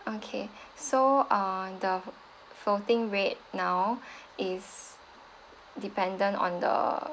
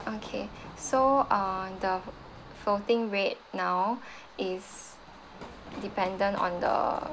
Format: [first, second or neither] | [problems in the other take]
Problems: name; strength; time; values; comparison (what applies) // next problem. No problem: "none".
first | background sound (Run); 17 dB below the speech